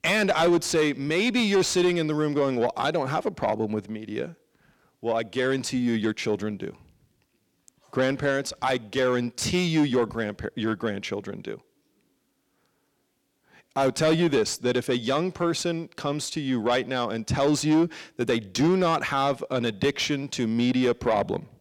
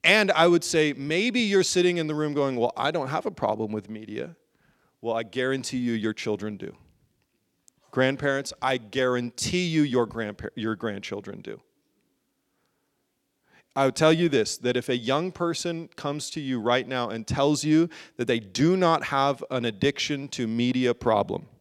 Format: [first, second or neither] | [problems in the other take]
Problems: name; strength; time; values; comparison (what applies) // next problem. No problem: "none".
second | distortion; slight; 10 dB below the speech